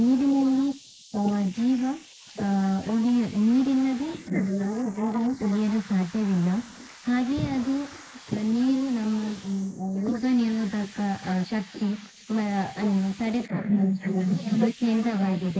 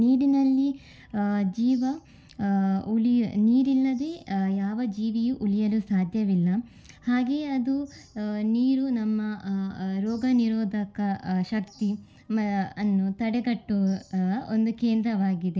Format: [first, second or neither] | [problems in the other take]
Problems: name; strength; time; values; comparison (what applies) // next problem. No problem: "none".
second | noise reduction (neural mask model Resemble Enhance denoiser)